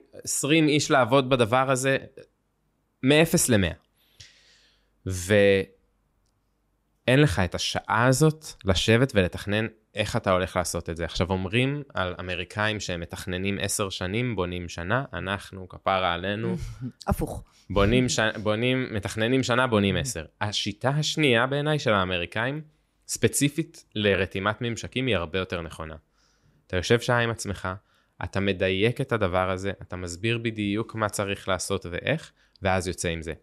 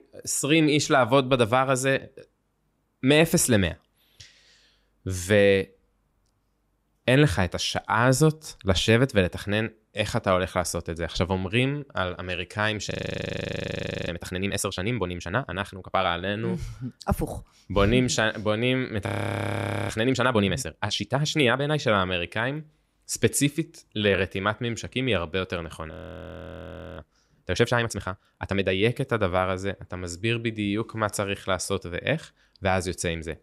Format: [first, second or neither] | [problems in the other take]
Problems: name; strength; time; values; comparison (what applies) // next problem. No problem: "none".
first | audio freezing; at 13 s for 1 s, at 19 s for 1 s and at 26 s for 1 s